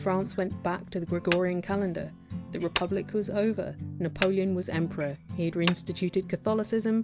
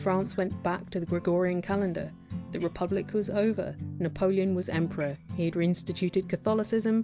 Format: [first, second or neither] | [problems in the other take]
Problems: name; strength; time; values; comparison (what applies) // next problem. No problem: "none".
second | background sound (Hammer); 12 dB below the speech